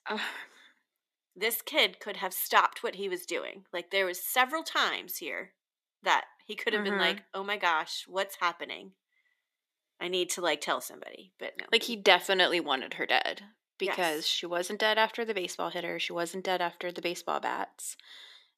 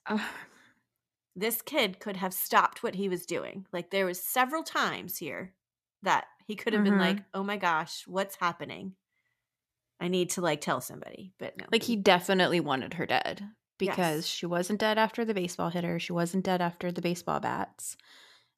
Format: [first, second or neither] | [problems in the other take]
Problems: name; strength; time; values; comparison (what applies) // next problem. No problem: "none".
second | thin; somewhat; fading below 300 Hz